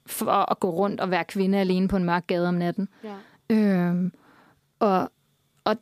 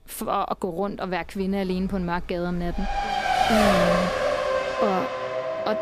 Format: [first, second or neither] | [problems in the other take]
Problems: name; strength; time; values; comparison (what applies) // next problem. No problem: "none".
first | traffic noise; very loud; throughout; 4 dB above the speech